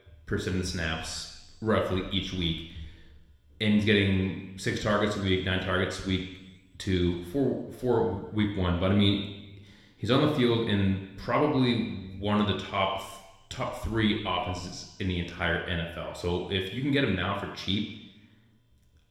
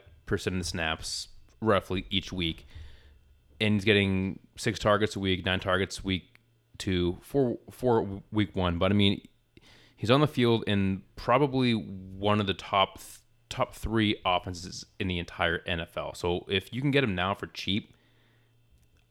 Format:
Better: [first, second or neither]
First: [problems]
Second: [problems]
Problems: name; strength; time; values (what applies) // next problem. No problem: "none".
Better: second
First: room echo; noticeable; dies away in 1 s // off-mic speech; somewhat distant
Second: none